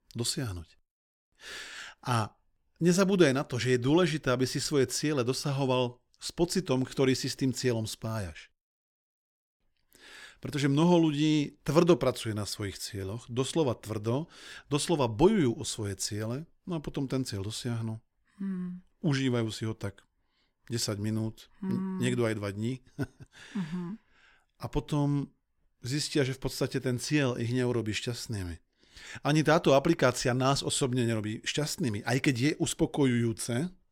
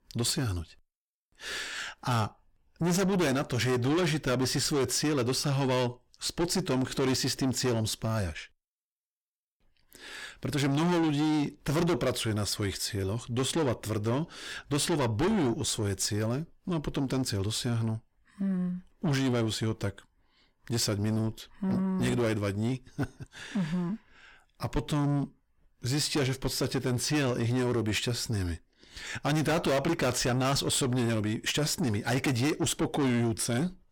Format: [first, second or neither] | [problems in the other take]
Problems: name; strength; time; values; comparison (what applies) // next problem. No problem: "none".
first | distortion; heavy; 6 dB below the speech